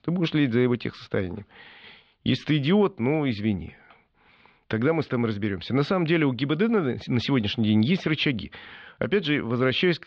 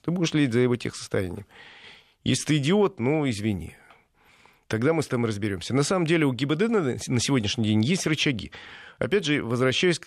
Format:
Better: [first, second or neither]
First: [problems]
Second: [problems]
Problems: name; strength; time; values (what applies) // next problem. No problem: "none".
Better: second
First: muffled; slightly; fading above 4 kHz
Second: none